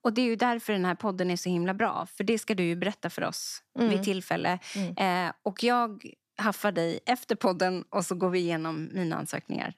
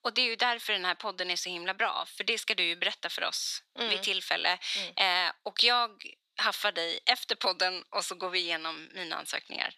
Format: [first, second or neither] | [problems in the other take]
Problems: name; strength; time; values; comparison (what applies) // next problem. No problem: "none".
first | thin; very; fading below 550 Hz